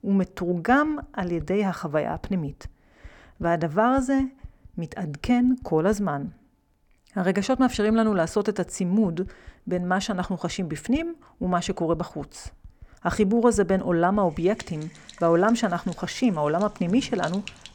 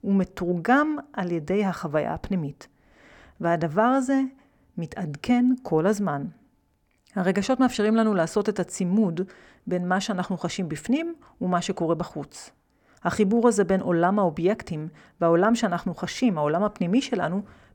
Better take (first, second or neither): second